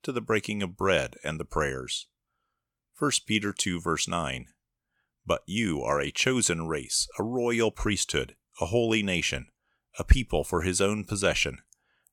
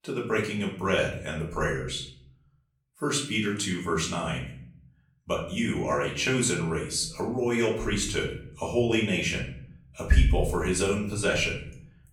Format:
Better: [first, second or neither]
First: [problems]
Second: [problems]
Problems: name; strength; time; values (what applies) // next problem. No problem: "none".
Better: first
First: none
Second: room echo; slight; dies away in 0.7 s // off-mic speech; far